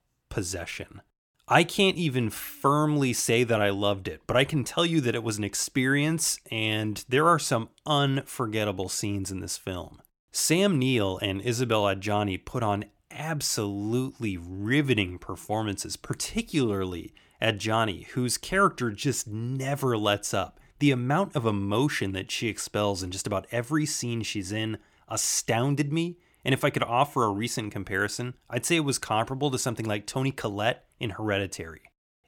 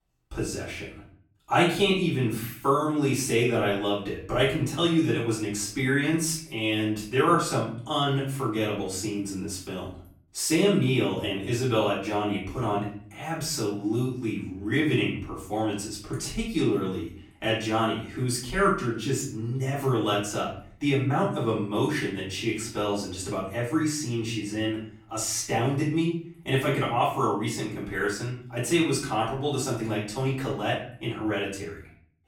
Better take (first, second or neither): first